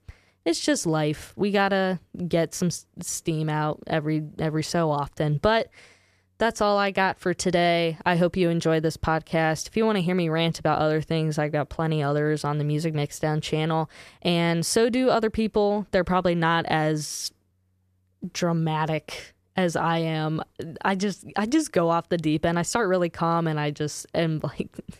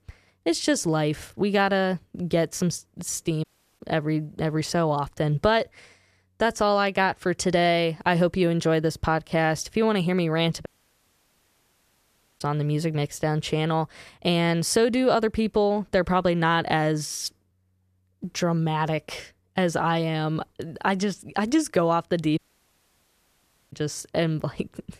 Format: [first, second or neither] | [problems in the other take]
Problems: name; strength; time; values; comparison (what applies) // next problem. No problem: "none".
first | audio cutting out; at 3.5 s, at 11 s for 1.5 s and at 22 s for 1.5 s